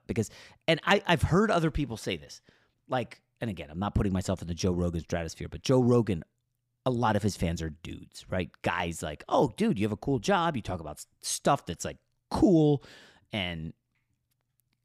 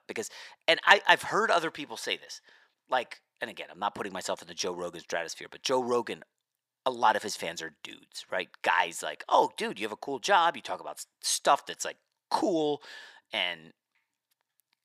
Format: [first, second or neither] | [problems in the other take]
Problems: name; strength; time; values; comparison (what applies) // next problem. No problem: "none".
first | thin; very; fading below 550 Hz